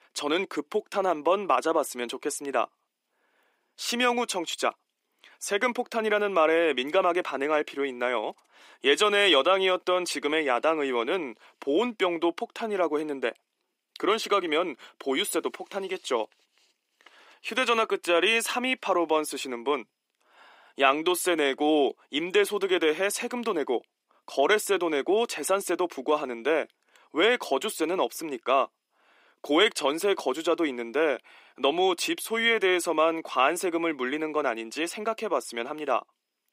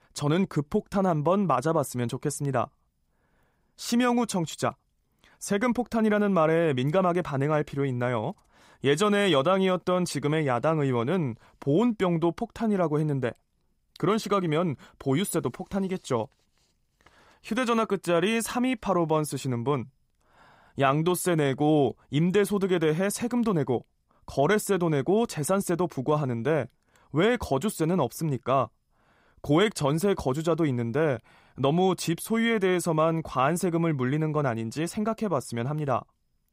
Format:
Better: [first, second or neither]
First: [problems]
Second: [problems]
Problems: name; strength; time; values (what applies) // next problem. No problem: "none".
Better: second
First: thin; somewhat; fading below 300 Hz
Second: none